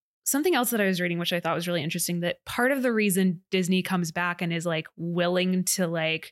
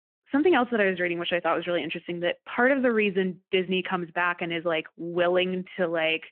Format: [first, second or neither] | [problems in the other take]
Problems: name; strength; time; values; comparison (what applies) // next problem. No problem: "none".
first | phone-call audio